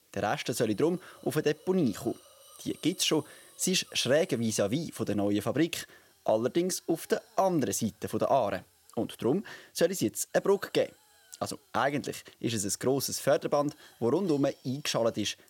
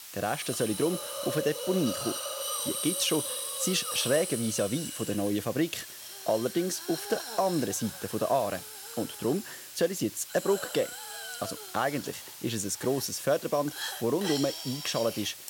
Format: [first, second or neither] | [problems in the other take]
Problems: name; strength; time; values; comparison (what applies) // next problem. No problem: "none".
first | hiss; loud; throughout; 5 dB below the speech; faint in the first